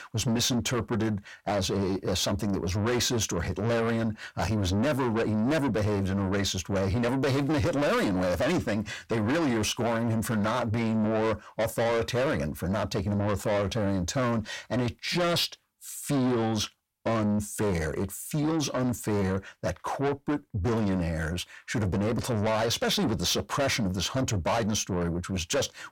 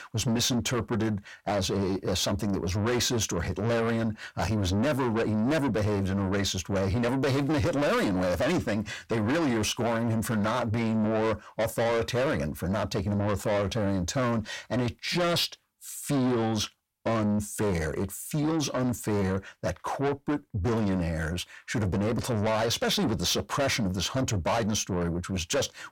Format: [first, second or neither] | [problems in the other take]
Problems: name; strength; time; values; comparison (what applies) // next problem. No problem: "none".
neither | distortion; heavy; 6 dB below the speech; the same in both